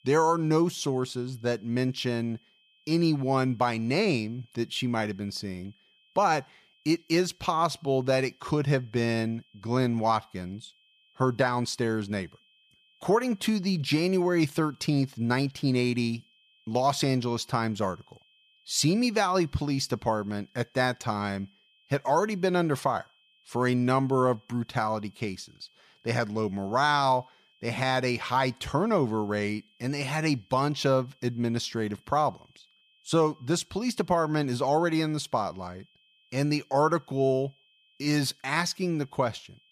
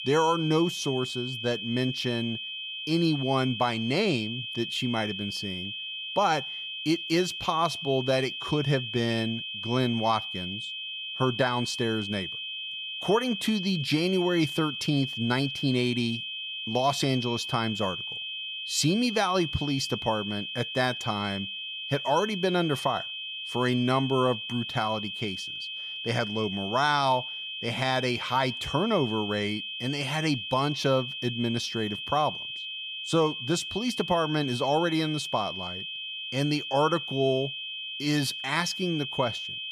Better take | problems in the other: first | high-pitched whine; loud; throughout; 3 kHz, 5 dB below the speech; faint in the first

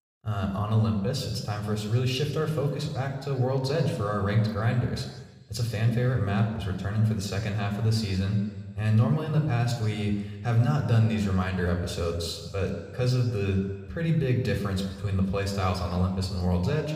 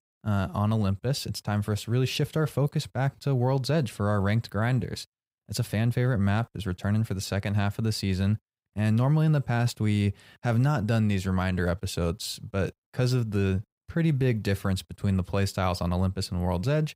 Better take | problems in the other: second | room echo; slight; dies away in 1.3 s

